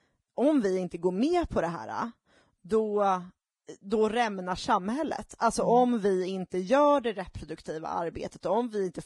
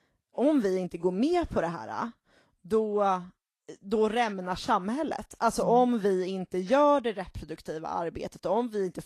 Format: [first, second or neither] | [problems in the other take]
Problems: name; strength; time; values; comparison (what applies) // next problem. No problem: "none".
second | garbled, watery; badly; nothing above 10 kHz; slightly in the second